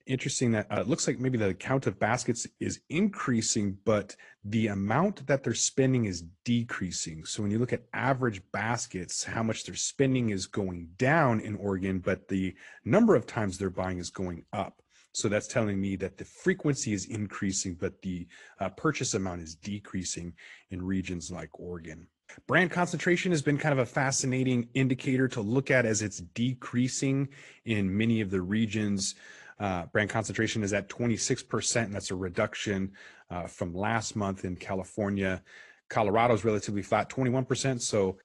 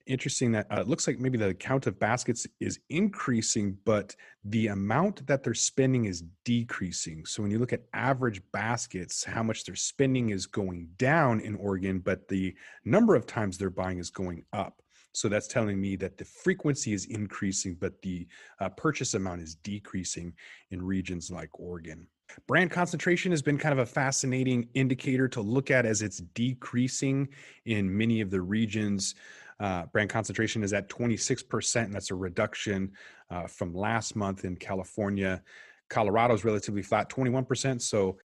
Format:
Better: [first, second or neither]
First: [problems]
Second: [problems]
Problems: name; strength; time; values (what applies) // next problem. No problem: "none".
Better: second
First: garbled, watery; slightly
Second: none